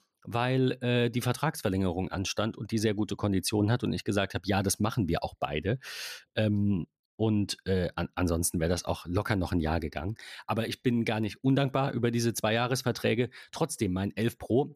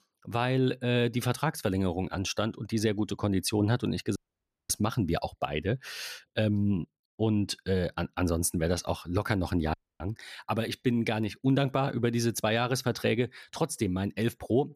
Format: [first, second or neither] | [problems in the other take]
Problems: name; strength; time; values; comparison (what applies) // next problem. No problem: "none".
first | audio cutting out; at 4 s for 0.5 s and at 9.5 s